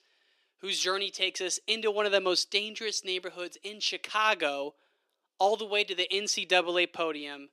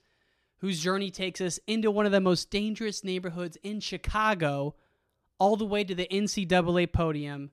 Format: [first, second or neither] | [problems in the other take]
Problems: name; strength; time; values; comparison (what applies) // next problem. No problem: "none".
second | thin; very; fading below 350 Hz